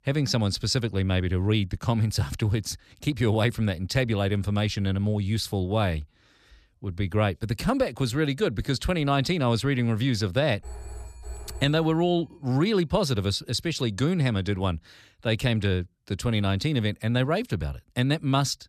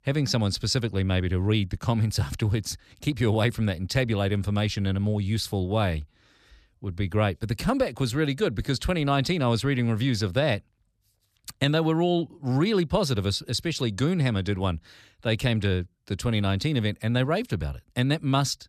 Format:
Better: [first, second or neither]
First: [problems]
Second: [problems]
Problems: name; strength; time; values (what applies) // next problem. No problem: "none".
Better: second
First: phone ringing; faint; from 11 to 12 s; peak 15 dB below the speech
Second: none